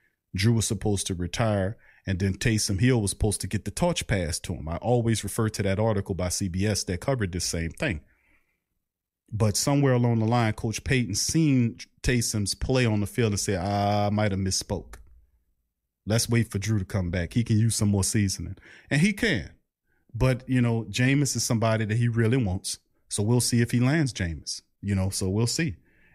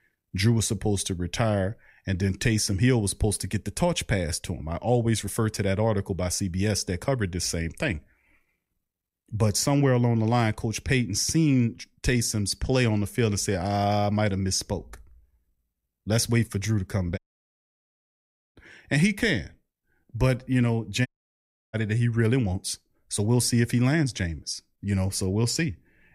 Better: first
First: none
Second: audio cutting out; at 17 s for 1.5 s and at 21 s for 0.5 s

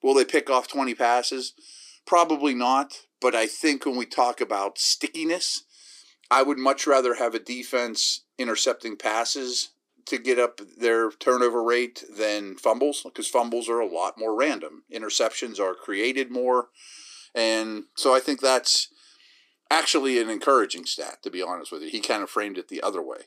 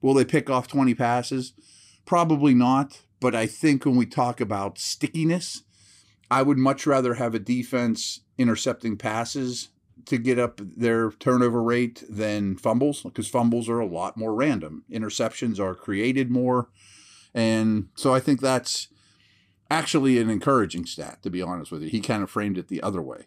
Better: second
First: thin; somewhat; fading below 350 Hz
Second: none

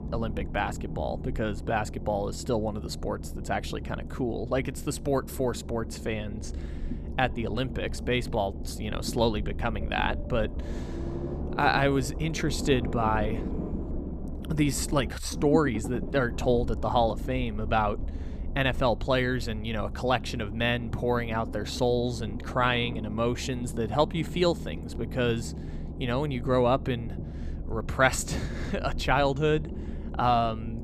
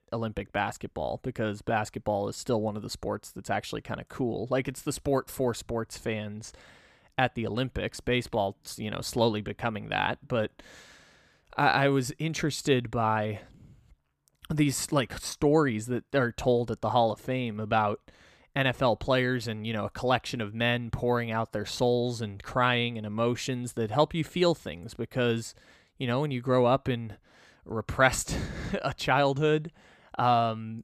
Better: second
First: low rumble; noticeable; throughout; 15 dB below the speech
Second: none

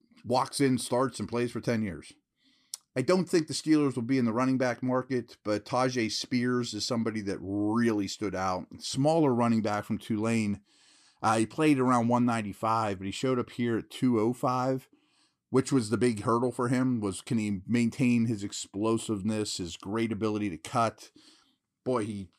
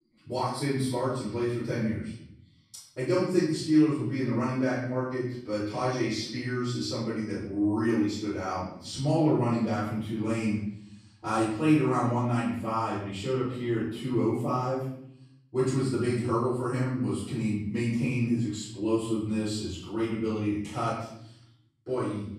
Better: first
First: none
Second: off-mic speech; far // room echo; noticeable; dies away in 0.7 s

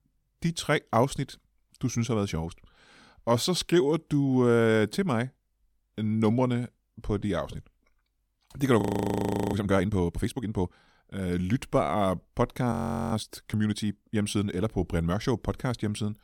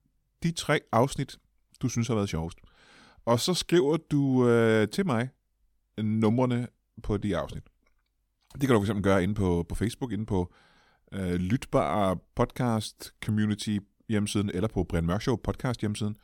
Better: second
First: audio freezing; at 9 s for 0.5 s and at 13 s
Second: none

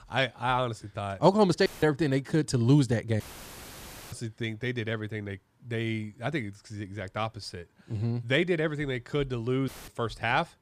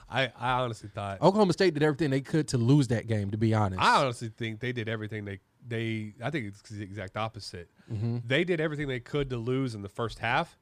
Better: second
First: audio cutting out; filled with static; at 1.5 s, at 3 s for 1 s and at 9.5 s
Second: none

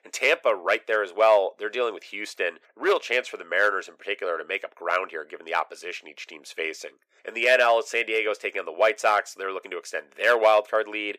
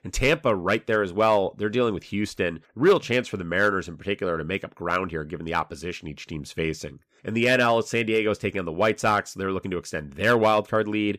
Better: second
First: thin; very; fading below 400 Hz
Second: none

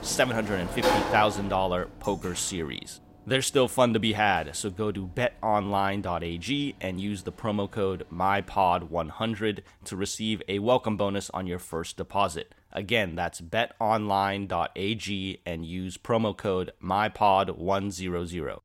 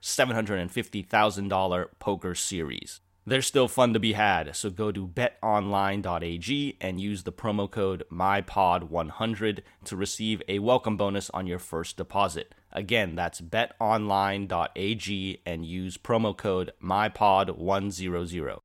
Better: second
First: household noises; loud; throughout; 4 dB below the speech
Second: none

